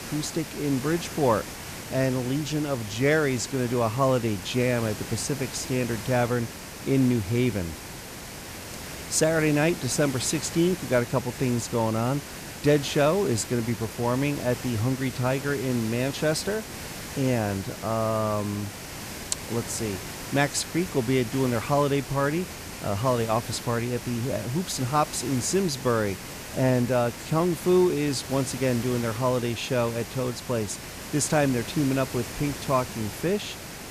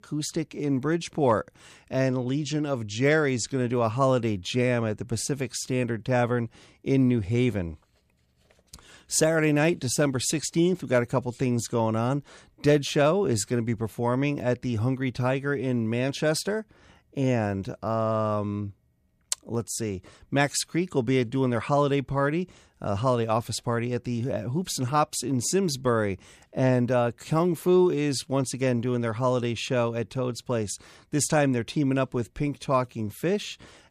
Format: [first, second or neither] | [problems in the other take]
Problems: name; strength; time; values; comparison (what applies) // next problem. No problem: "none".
second | hiss; noticeable; throughout; 10 dB below the speech